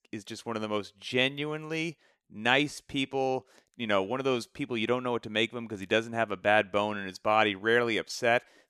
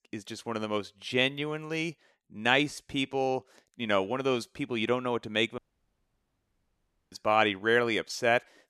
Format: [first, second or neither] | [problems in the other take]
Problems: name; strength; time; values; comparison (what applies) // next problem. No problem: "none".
first | audio cutting out; at 5.5 s for 1.5 s